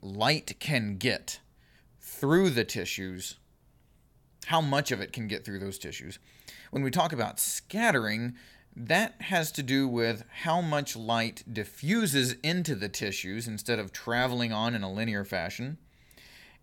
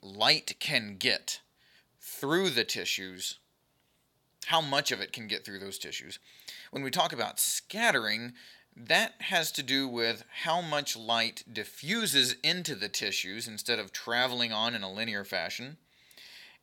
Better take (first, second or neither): first